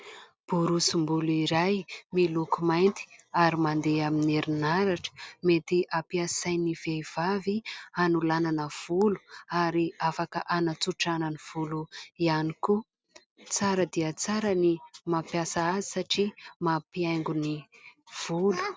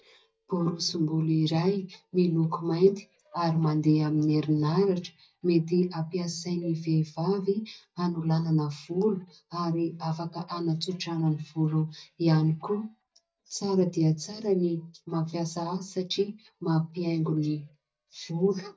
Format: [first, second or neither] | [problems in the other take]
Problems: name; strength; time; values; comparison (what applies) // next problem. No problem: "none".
first | noise reduction (neural mask model DeepFilterNet 3)